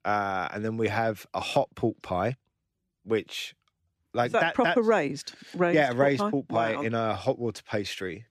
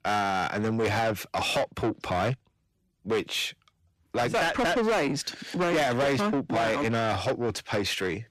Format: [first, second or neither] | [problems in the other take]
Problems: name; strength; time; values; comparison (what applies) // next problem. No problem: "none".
first | distortion; heavy; 6 dB below the speech